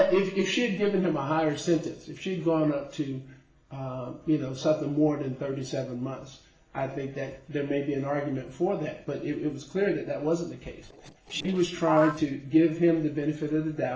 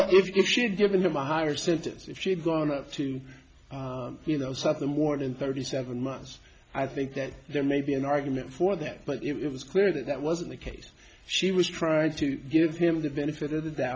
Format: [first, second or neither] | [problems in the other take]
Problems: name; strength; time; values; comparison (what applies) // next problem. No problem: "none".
second | noise reduction (neural separator model SepFormer DNS4)